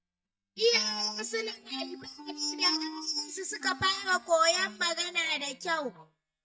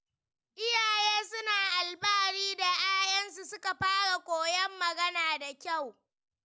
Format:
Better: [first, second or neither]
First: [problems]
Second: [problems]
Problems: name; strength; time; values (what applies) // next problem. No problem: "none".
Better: second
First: noise reduction (neural mask model DeepFilterNet 3)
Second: none